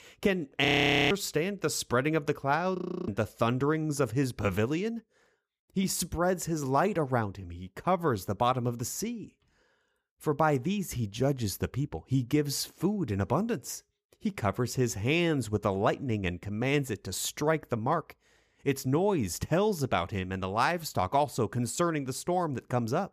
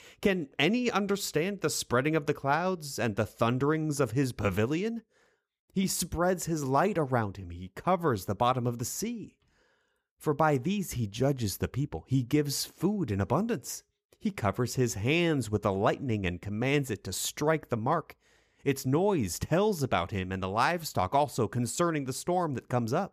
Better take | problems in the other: second | audio freezing; at 0.5 s and at 3 s

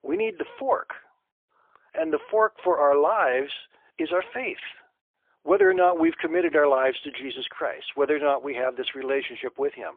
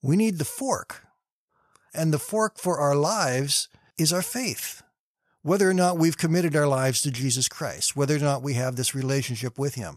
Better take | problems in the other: second | phone-call audio; poor line; nothing above 3.5 kHz

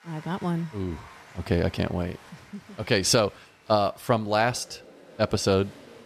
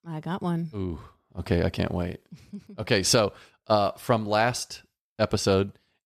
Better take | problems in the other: second | crowd noise; faint; throughout; 25 dB below the speech

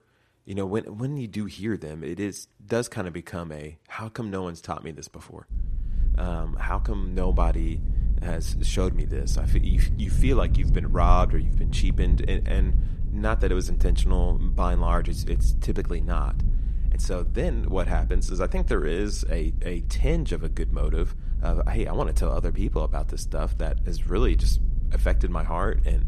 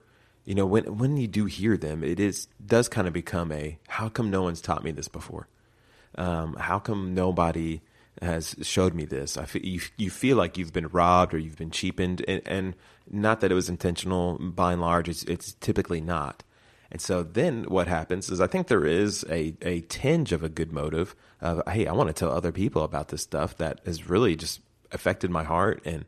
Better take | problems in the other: second | low rumble; noticeable; from 5.5 s on; 15 dB below the speech

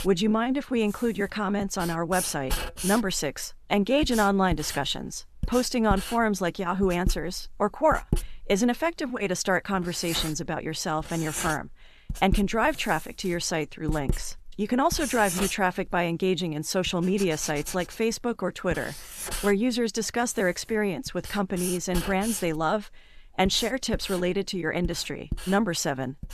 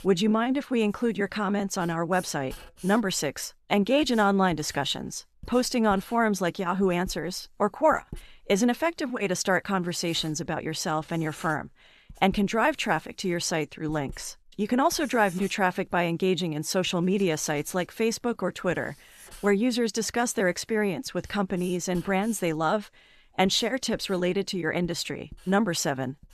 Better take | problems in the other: second | household noises; loud; throughout; 9 dB below the speech; faint in the second

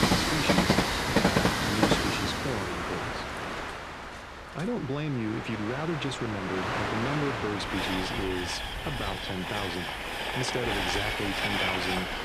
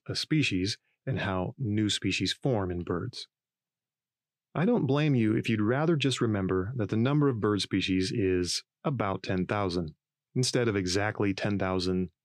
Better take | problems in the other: second | train or aircraft noise; very loud; throughout; 5 dB above the speech

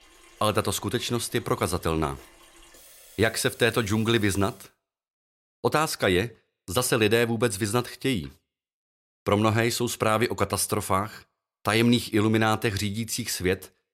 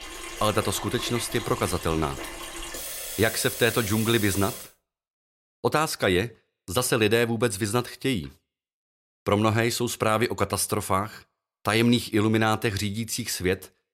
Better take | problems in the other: first | household noises; loud; until 4.5 s; 9 dB below the speech; faint in the first

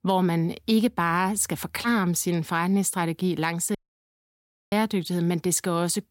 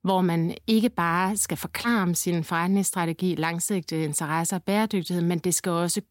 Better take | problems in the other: second | audio cutting out; at 4 s for 1 s

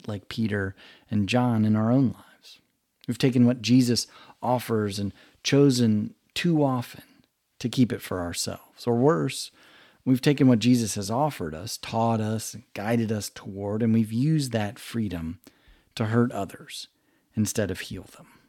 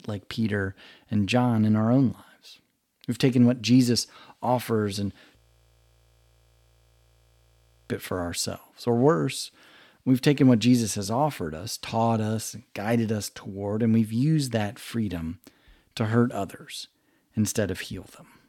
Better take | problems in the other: first | audio freezing; at 5.5 s for 2.5 s

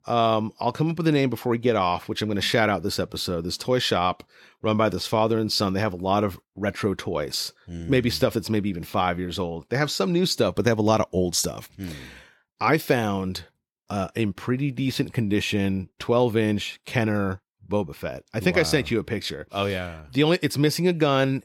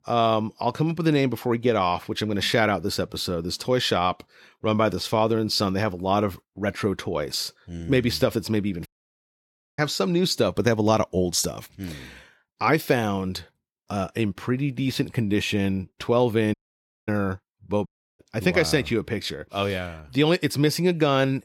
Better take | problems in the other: first | audio cutting out; at 9 s for 1 s, at 17 s for 0.5 s and at 18 s

